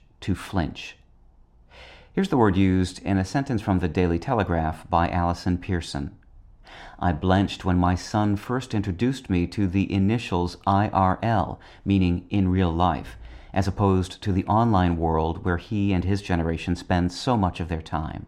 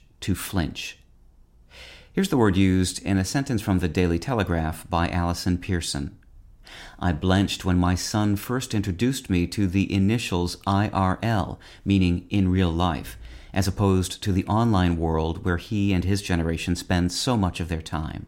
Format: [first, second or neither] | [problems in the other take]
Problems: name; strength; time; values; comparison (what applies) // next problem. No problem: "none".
second | muffled; slightly; fading above 3 kHz